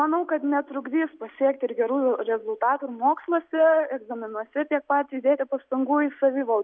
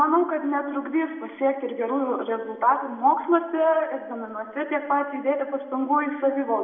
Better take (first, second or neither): first